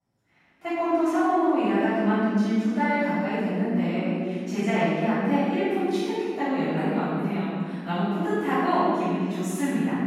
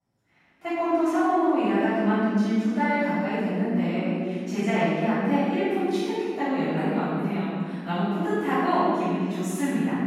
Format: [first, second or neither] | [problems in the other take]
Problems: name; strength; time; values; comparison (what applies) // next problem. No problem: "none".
neither | off-mic speech; far; the same in both // room echo; strong; dies away in 2.4 s; the same in both